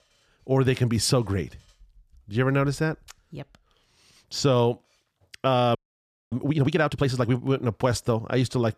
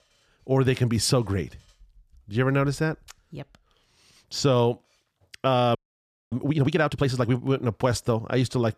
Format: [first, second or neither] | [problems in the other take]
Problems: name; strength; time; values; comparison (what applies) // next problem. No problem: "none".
neither | audio freezing; at 6 s for 0.5 s; the same in both